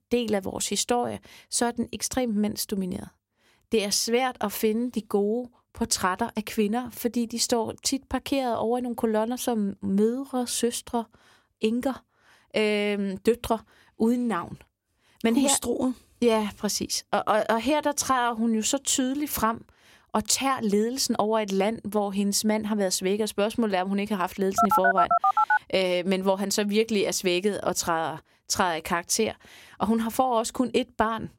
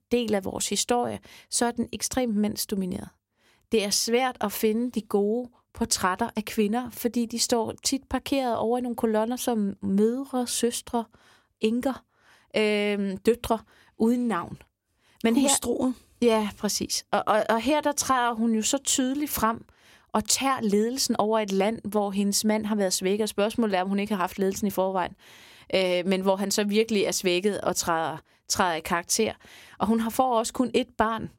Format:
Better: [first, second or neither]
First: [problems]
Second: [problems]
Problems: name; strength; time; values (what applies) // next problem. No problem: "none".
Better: second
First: phone ringing; loud; from 25 to 26 s; peak 5 dB above the speech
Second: none